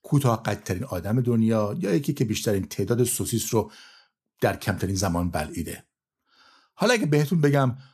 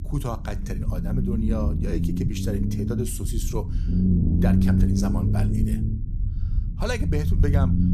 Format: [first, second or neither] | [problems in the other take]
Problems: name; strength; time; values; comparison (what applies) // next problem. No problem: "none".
first | low rumble; loud; throughout; as loud as the speech